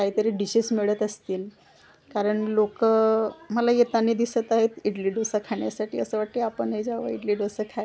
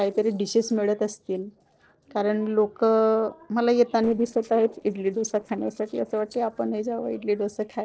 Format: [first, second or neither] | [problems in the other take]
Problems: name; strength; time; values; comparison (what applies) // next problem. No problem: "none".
first | noise reduction (neural separator model SepFormer DNS4)